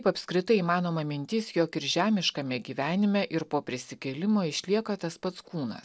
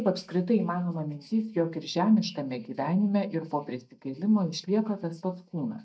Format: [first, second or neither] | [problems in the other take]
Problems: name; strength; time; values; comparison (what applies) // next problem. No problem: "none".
first | noise reduction (neural mask model DeepFilterNet 3)